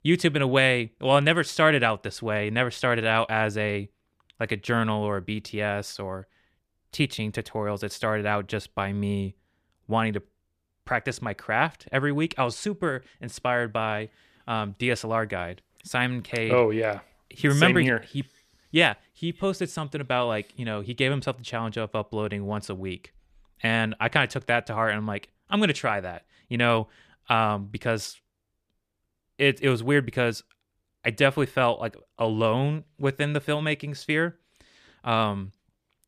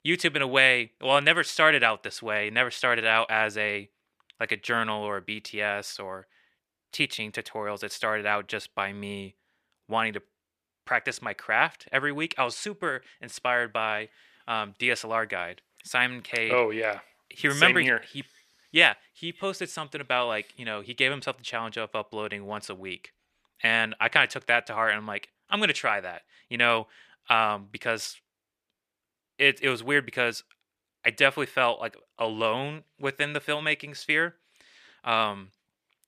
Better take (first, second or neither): first